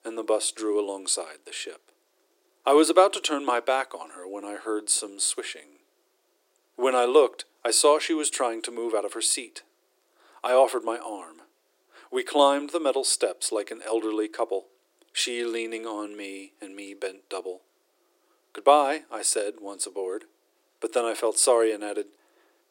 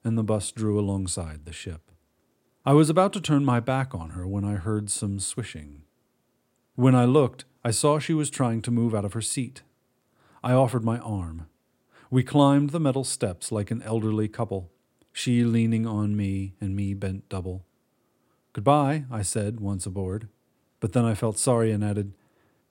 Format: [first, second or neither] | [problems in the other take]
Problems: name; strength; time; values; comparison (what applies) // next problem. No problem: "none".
second | thin; very; fading below 350 Hz